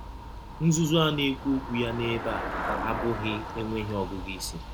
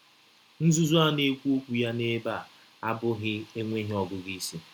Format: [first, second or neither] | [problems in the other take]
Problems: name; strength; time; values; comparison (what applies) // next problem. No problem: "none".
second | background sound (Traffic noise, roadway noise / Bicycle); 7 dB below the speech